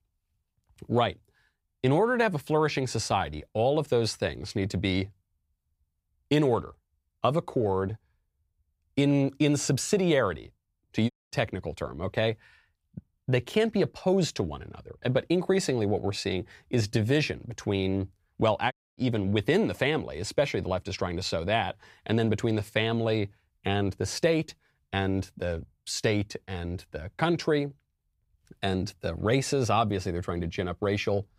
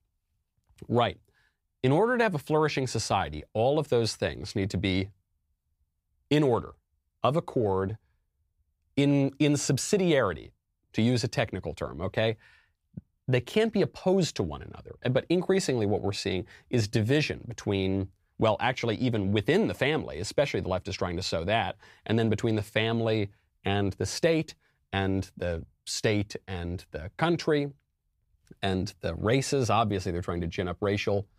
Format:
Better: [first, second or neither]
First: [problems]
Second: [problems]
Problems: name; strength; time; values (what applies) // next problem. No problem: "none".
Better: second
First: audio cutting out; at 11 s and at 19 s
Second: none